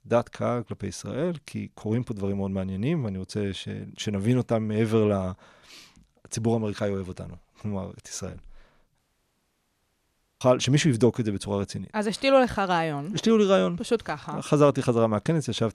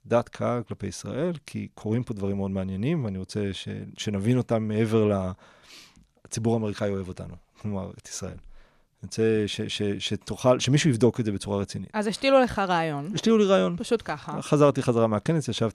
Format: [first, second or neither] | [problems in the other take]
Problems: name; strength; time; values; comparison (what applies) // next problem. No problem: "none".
second | audio cutting out; at 9 s for 1.5 s